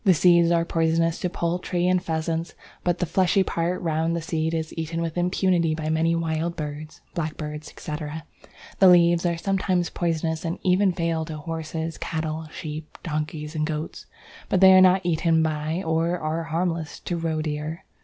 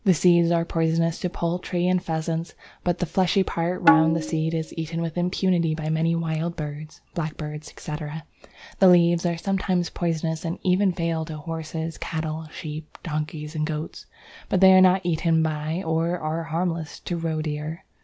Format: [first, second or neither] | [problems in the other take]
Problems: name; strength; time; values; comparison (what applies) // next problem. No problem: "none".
first | background sound (Tabla); 1 dB below the speech